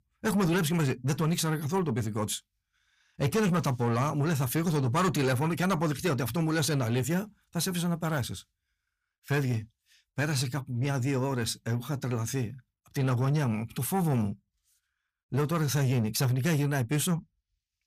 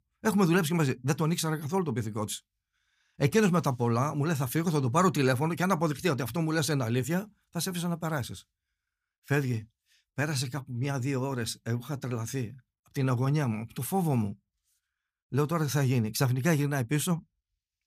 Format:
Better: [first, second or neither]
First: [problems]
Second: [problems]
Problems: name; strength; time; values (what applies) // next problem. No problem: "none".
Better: second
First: distortion; slight; 10 dB below the speech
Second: none